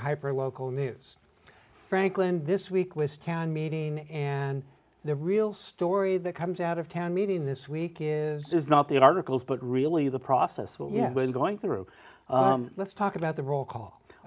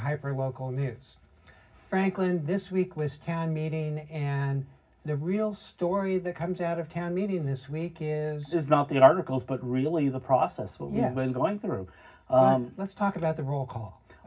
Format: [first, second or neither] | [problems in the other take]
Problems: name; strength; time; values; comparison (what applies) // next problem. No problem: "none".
first | room echo; dies away in 0.4 s